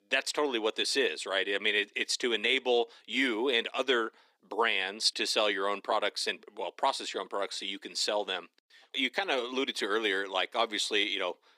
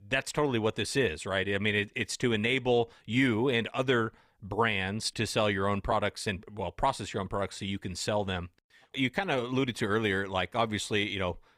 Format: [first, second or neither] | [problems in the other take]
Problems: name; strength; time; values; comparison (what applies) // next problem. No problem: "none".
second | thin; somewhat; fading below 300 Hz